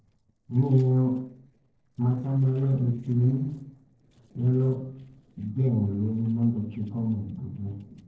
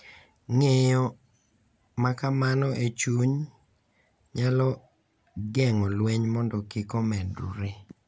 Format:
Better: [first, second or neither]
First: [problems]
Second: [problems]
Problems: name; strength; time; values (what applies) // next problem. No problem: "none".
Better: second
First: noise reduction (neural separator model SepFormer DNS4)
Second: none